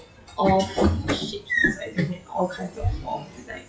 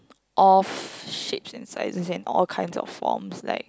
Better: second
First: noise reduction (classical method WPE with log-MMSE)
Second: none

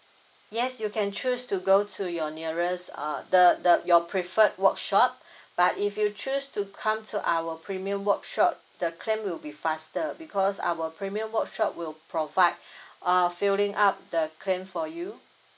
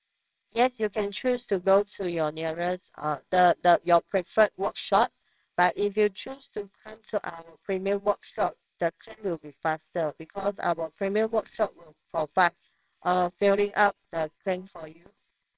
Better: first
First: none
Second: noise reduction (neural separator model SepFormer WHAMR!)

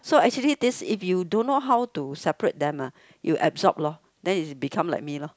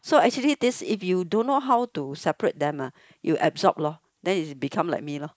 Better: first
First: none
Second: noise reduction (neural mask model Resemble Enhance denoiser)

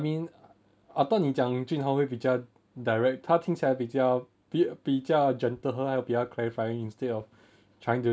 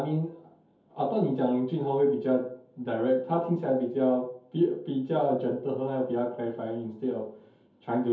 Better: first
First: none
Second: room echo; dies away in 0.5 s

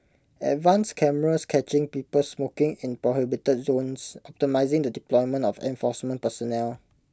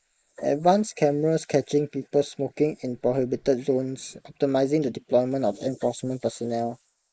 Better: first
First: none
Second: noise reduction (neural mask model Resemble Enhance denoiser)

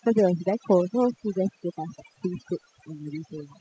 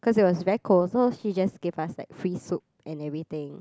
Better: second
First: noise reduction (classical method spectral subtraction)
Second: none

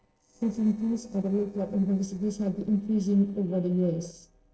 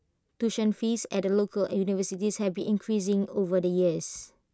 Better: second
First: noise reduction (neural separator model SepFormer DNS4)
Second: none

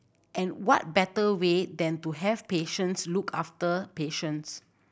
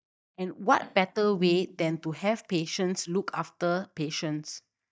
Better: first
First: none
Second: noise reduction (neural mask model DeepFilterNet 3)

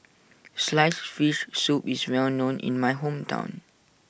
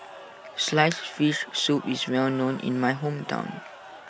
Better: first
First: none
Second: background sound (Crowd / Cheering); 17 dB below the speech

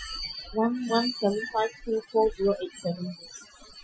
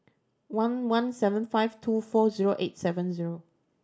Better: second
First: noise reduction (classical method Wiener filter)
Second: none

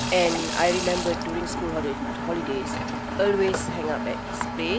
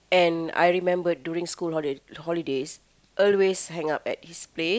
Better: second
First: background sound (Engine + Sink (filling or washing) / Water tap, faucet); 2 dB below the speech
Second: none

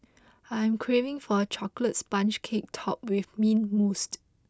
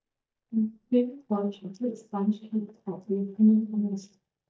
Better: first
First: none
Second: noise reduction (neural mask model DeepFilterNet 3)

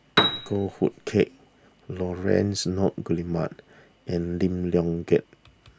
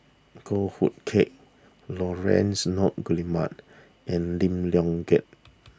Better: second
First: background sound (Piano); as loud as the speech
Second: none

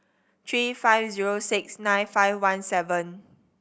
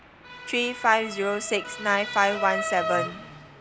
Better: first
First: none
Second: background sound (Motor vehicle (road) / Siren); 7 dB below the speech

